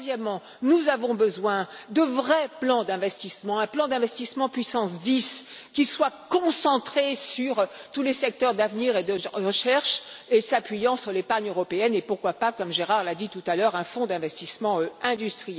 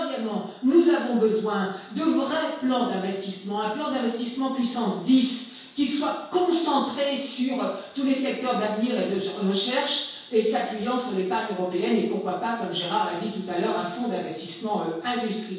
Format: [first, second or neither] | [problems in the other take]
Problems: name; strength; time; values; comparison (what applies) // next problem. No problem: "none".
first | room echo; dies away in 0.6 s